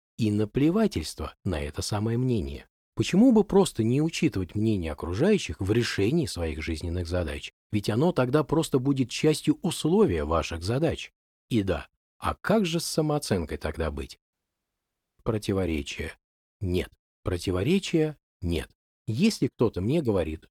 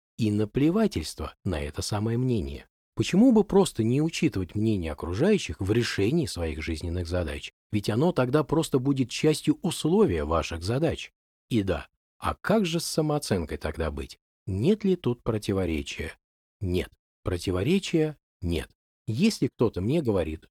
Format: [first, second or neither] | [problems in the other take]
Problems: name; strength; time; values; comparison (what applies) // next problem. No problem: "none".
second | audio cutting out; at 14 s for 1 s